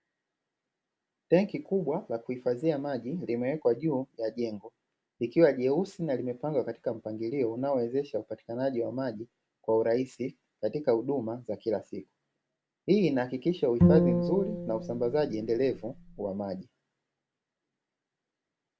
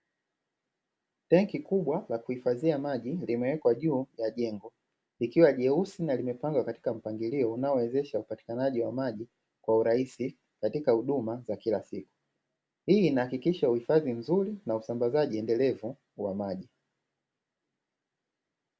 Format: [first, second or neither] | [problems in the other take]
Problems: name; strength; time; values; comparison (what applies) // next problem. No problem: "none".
second | background sound (Bowed string instrument); 2 dB above the speech